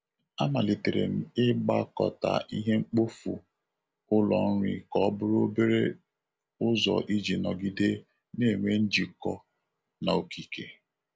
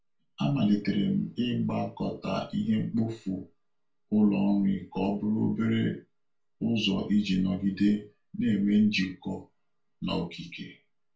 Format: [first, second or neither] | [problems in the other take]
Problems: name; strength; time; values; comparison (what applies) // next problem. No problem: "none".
first | room echo; dies away in 0.2 s